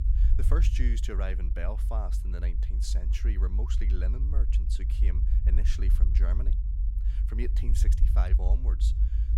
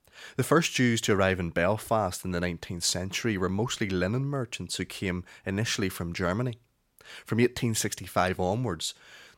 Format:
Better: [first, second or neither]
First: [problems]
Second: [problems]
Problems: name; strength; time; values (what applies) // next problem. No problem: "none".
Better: second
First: low rumble; loud; throughout; 5 dB below the speech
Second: none